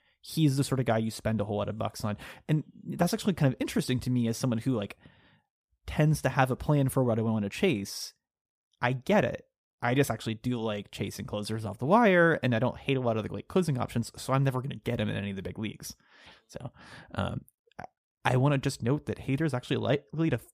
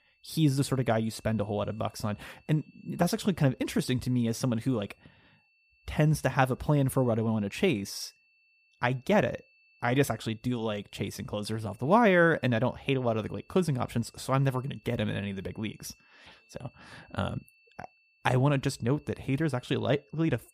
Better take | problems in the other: first | high-pitched whine; faint; throughout; 2.5 kHz, 35 dB below the speech

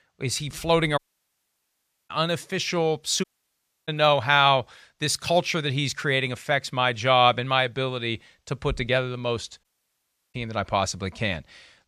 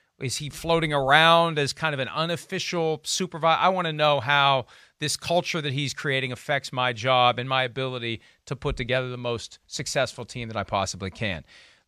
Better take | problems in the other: second | audio cutting out; at 1 s for 1 s, at 3 s for 0.5 s and at 9.5 s for 0.5 s

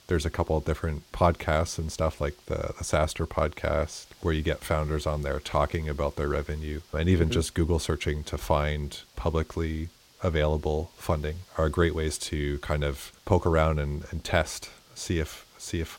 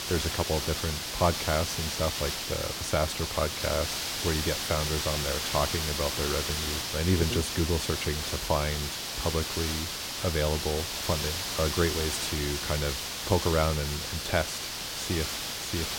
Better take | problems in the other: first | hiss; loud; throughout; as loud as the speech; faint in the first

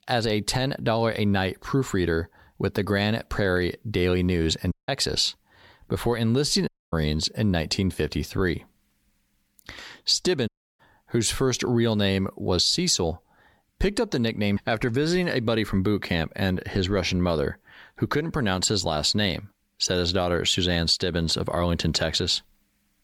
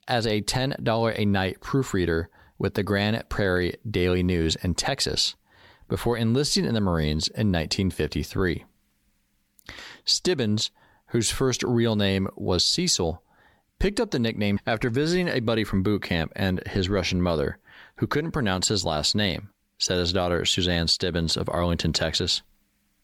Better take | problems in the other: second | audio cutting out; at 4.5 s, at 6.5 s and at 10 s

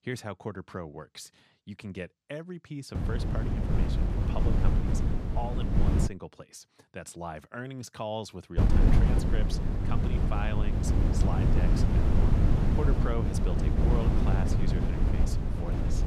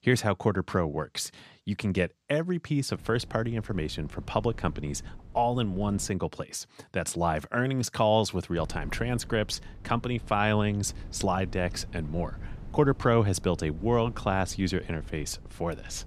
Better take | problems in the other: second | wind noise on the microphone; heavy; from 3 to 6 s and from 8.5 s on; 2 dB above the speech; occasional gusts in the second

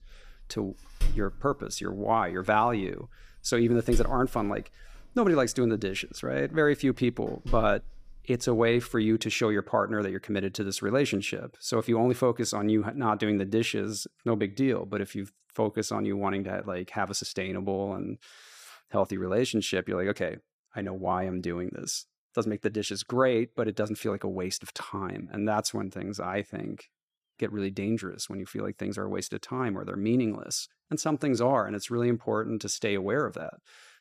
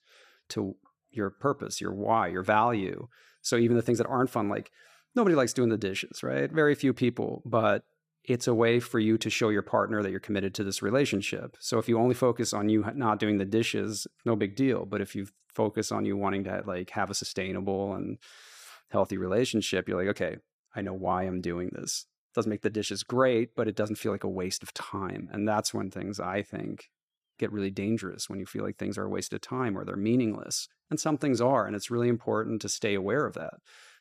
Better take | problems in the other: second | door banging; noticeable; from 1 to 8 s; peak 6 dB below the speech

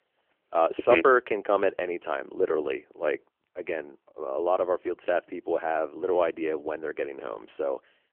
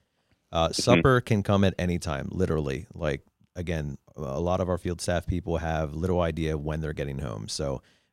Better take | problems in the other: second | phone-call audio

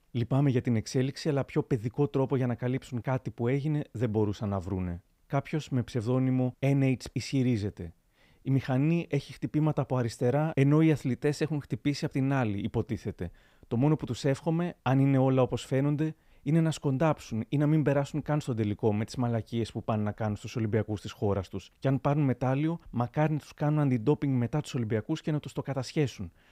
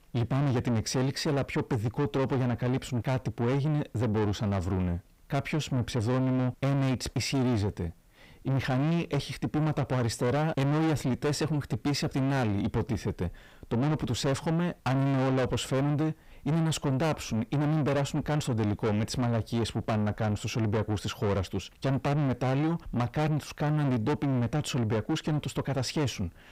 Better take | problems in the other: first | distortion; heavy; 6 dB below the speech

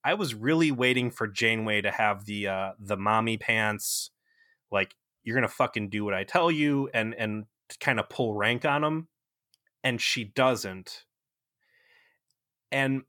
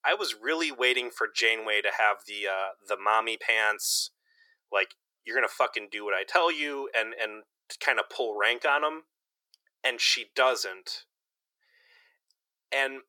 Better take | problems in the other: first | thin; very; fading below 400 Hz

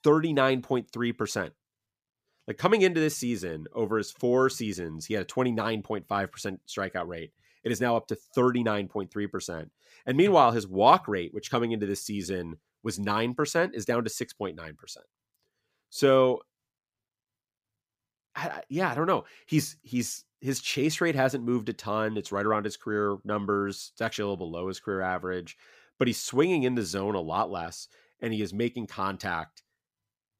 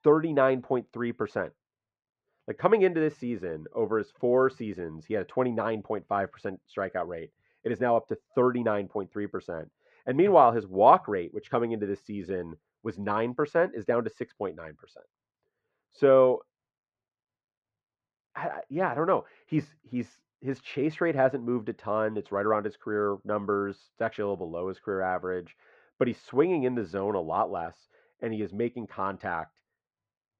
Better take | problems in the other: first | muffled; very; fading above 2 kHz

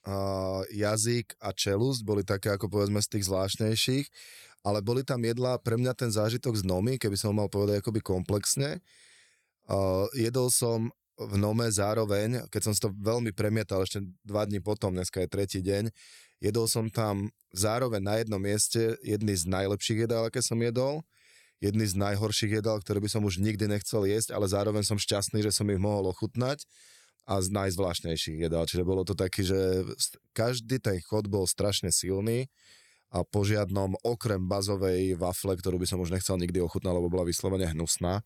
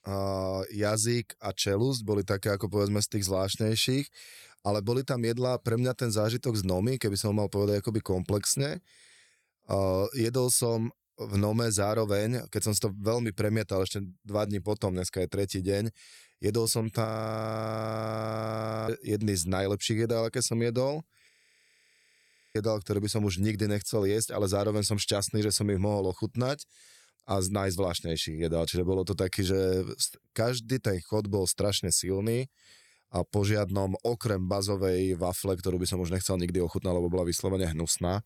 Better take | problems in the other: first | audio freezing; at 17 s for 2 s and at 21 s for 1.5 s

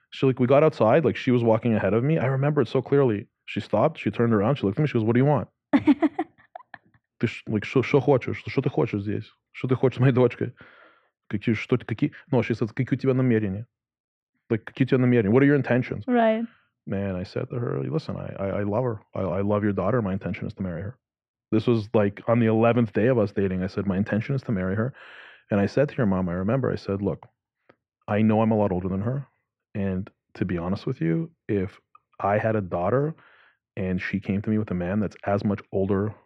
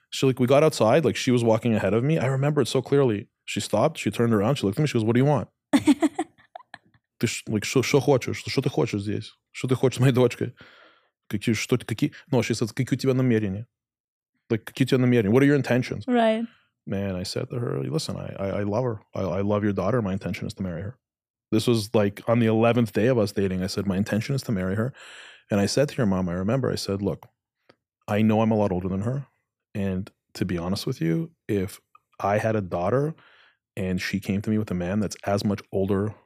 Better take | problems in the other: second | muffled; very; fading above 2 kHz

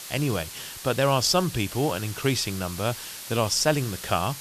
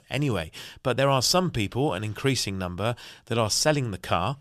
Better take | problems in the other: second | hiss; noticeable; throughout; 10 dB below the speech

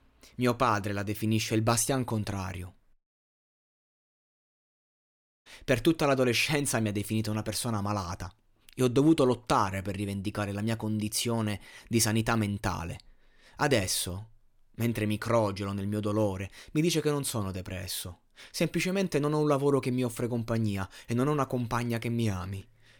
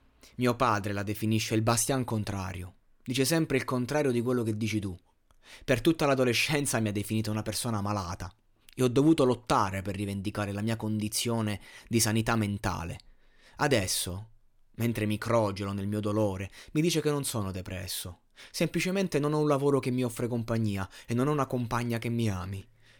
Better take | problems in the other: second | audio cutting out; at 3 s for 2.5 s

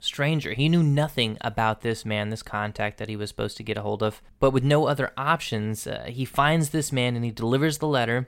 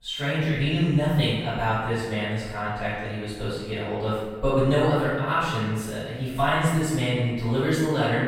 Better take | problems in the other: first | off-mic speech; far // room echo; strong; dies away in 1.2 s

